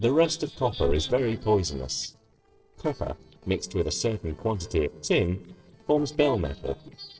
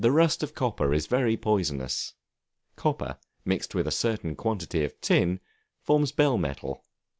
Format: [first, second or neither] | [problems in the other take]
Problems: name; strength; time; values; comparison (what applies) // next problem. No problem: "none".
second | noise reduction (neural separator model SepFormer DNS4)